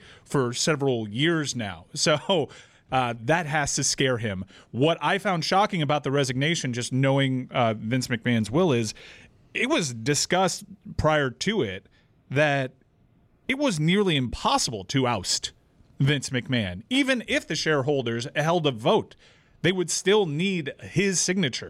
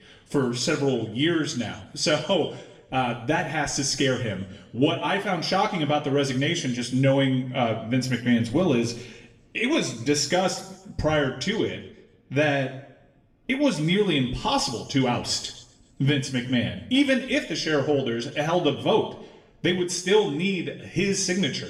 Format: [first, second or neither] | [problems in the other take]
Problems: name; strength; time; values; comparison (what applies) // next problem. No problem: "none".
first | room echo; slight; dies away in 0.7 s // off-mic speech; somewhat distant